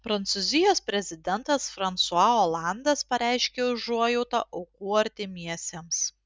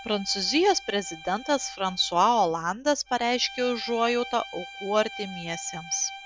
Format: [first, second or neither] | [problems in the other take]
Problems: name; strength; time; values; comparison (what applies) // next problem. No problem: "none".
first | background sound (Bowed string instrument); 15 dB below the speech